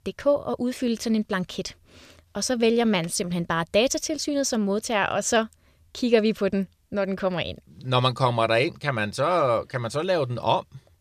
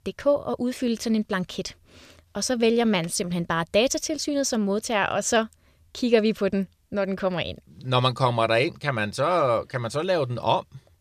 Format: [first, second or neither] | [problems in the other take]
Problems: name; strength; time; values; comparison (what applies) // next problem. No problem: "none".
neither | none